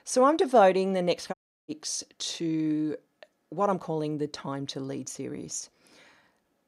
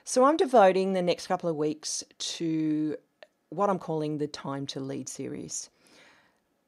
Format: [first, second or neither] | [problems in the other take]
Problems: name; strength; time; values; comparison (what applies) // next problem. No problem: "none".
second | audio cutting out; at 1.5 s